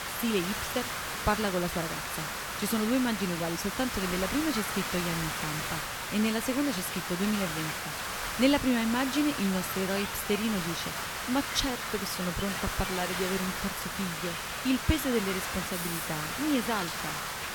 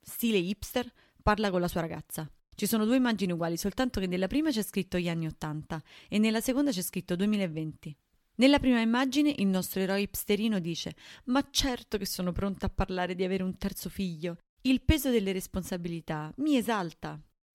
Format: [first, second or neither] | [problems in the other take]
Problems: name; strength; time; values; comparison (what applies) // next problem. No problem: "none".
second | hiss; loud; throughout; 2 dB below the speech